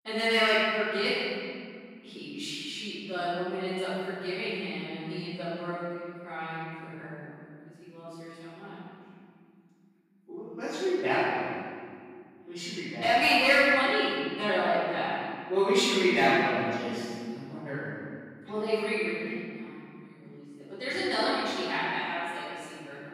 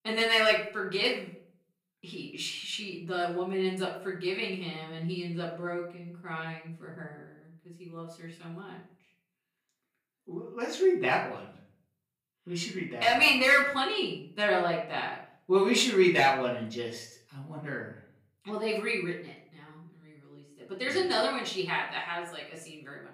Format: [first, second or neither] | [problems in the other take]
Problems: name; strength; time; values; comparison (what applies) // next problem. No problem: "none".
second | room echo; strong; dies away in 2.2 s; slight in the second // off-mic speech; far; far in the second